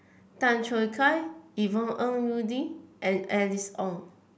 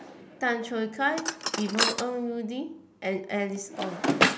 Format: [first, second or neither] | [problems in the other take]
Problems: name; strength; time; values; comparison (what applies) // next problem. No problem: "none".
first | background sound (Drawer open or close); as loud as the speech